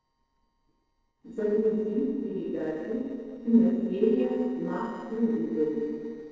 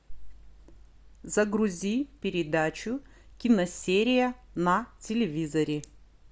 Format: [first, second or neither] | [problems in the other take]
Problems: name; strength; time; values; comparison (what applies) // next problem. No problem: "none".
second | noise reduction (neural separator model SepFormer DNS4)